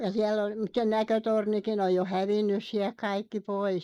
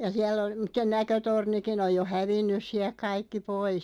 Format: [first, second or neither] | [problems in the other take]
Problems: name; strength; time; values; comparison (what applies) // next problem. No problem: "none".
second | noise reduction (neural mask model Resemble Enhance denoiser)